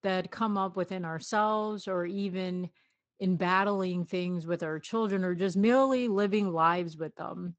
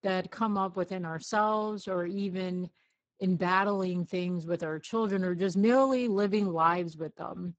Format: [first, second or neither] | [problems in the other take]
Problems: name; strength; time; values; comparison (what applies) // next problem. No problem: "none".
first | garbled, watery; badly; nothing above 8 kHz; slightly in the first